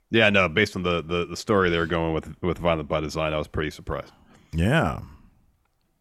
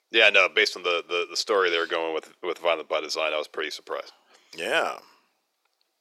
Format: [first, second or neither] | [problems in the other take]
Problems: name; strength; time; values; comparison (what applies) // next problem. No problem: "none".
first | thin; very; fading below 400 Hz